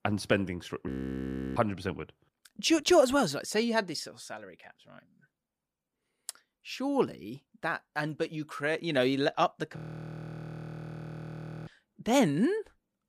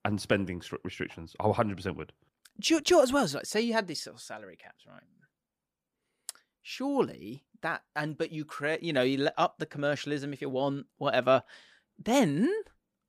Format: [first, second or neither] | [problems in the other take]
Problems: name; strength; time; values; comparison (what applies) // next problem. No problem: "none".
second | audio freezing; at 1 s for 0.5 s and at 10 s for 2 s